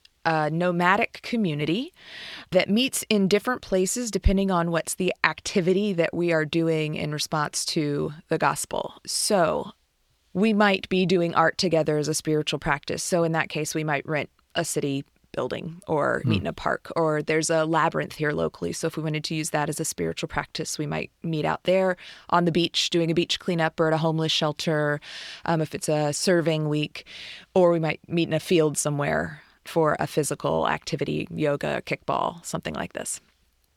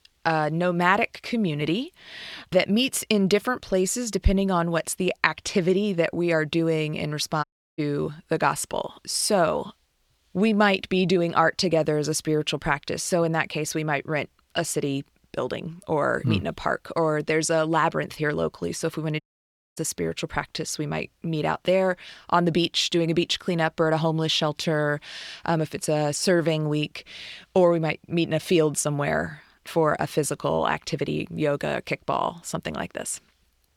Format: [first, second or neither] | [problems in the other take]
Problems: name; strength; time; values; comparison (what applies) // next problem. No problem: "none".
first | audio cutting out; at 7.5 s and at 19 s for 0.5 s